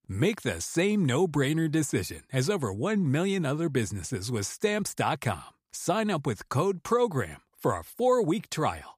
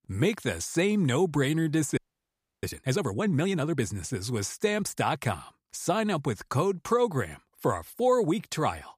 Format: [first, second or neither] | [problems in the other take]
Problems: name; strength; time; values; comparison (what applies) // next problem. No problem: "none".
first | audio freezing; at 2 s for 0.5 s